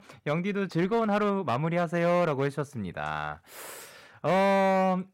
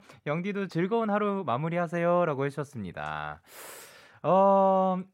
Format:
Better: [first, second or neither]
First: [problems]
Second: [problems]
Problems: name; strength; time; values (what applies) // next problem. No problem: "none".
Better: second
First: distortion; slight; 11% of the sound clipped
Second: none